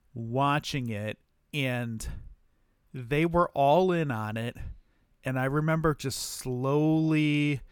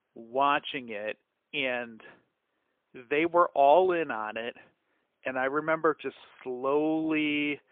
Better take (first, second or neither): first